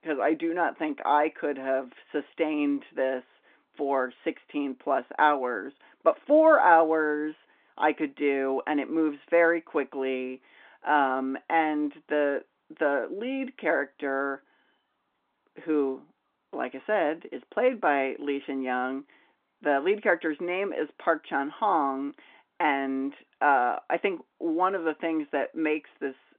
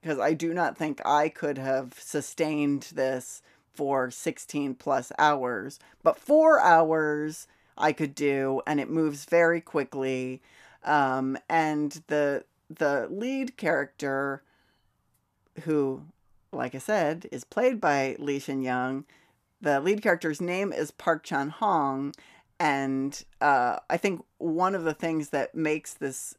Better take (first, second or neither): second